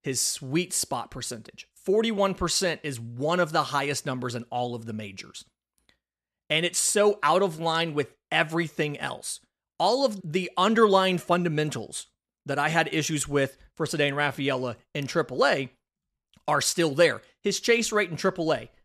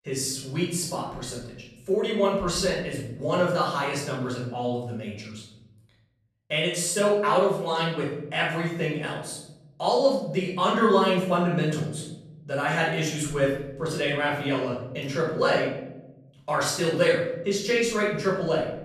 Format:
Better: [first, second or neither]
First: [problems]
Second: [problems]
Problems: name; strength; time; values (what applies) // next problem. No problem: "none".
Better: first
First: none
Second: room echo; noticeable; dies away in 1.1 s // off-mic speech; far